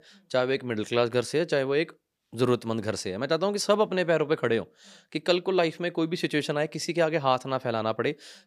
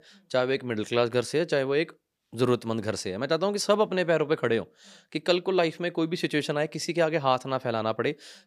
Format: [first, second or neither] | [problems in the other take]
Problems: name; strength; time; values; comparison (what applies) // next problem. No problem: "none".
neither | none